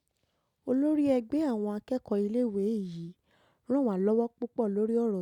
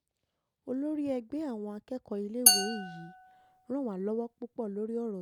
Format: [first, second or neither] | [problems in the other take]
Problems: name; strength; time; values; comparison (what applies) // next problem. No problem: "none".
first | background sound (Glass); 4 dB above the speech